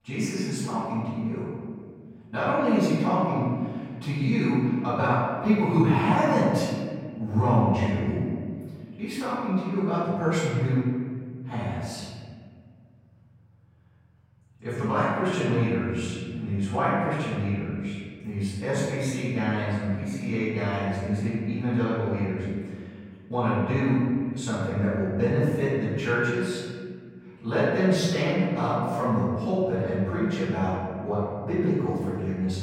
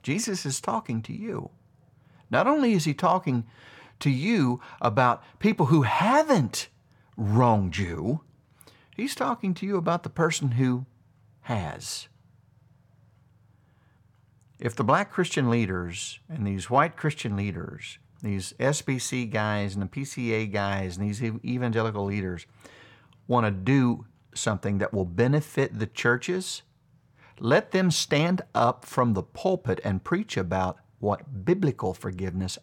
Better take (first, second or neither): second